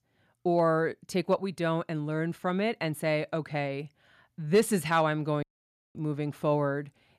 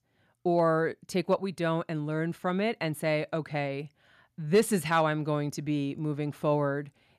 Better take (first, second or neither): second